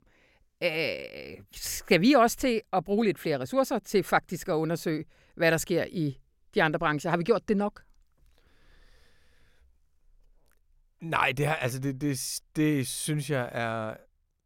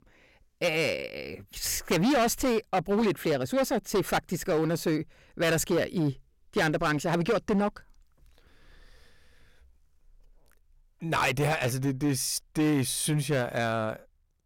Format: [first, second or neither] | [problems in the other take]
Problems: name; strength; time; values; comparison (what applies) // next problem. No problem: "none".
first | distortion; heavy; 9% of the sound clipped